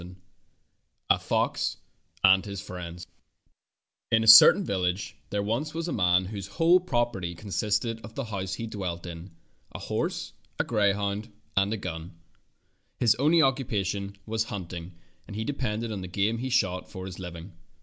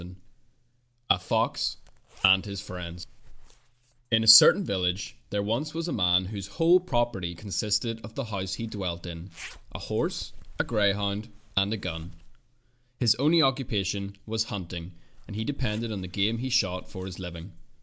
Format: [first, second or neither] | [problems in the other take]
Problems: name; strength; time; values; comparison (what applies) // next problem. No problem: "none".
first | background sound (Zipper (clothing)); 19 dB below the speech